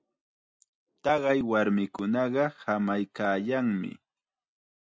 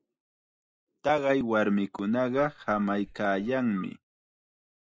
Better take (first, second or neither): first